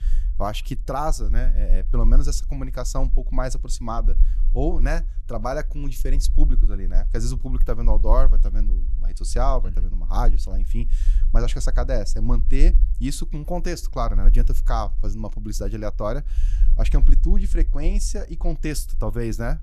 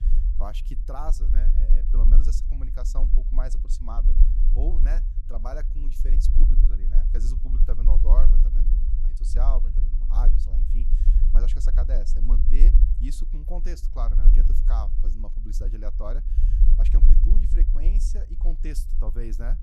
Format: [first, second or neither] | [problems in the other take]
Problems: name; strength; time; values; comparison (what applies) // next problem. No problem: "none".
first | low rumble; loud; throughout; 6 dB below the speech; faint in the first